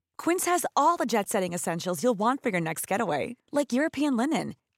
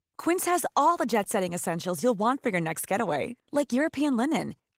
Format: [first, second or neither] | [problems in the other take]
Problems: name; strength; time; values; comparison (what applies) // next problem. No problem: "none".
first | garbled, watery; slightly; nothing above 16 kHz